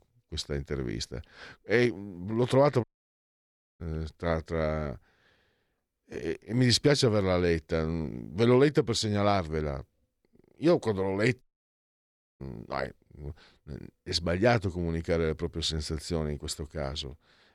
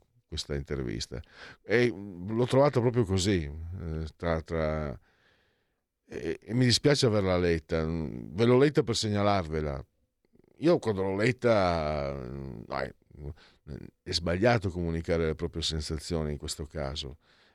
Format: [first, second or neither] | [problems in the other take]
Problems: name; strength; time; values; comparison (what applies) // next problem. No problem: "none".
second | audio cutting out; at 3 s for 1 s and at 11 s for 1 s